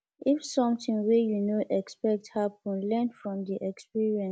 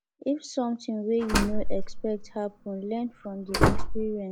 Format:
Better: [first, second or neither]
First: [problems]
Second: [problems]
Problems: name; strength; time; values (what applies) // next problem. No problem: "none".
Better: first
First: none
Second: background sound (Slam); 5 dB above the speech